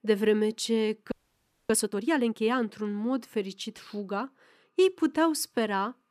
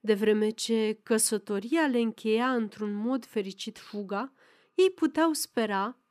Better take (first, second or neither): second